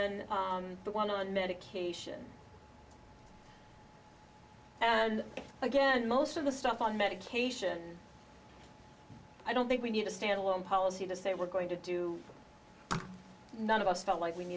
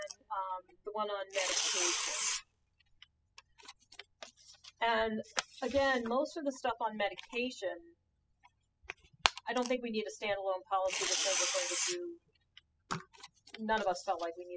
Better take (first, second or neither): first